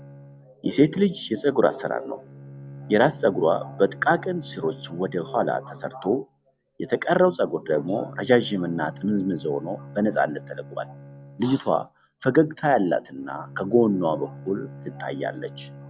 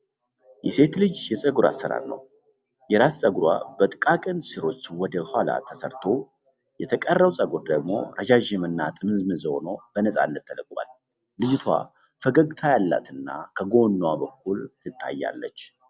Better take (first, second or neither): second